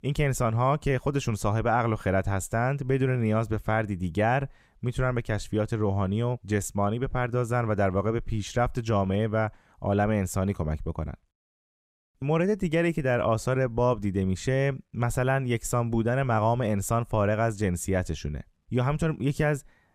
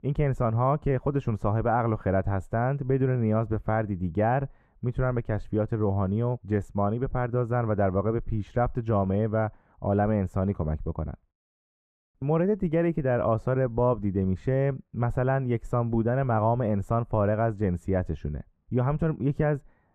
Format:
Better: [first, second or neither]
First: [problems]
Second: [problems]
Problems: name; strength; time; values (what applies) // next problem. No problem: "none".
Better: first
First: none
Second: muffled; very; fading above 2.5 kHz